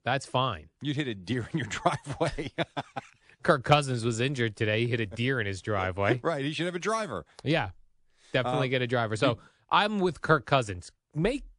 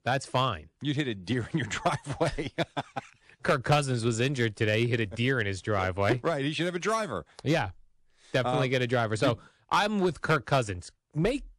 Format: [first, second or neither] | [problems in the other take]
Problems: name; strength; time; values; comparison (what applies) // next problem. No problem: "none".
first | distortion; slight; 2% of the sound clipped